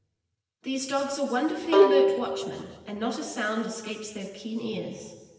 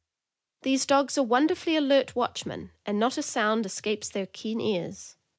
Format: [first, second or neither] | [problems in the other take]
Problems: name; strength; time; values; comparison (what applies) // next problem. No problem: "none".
second | background sound (Bowed string instrument); 4 dB above the speech // room echo; dies away in 1.4 s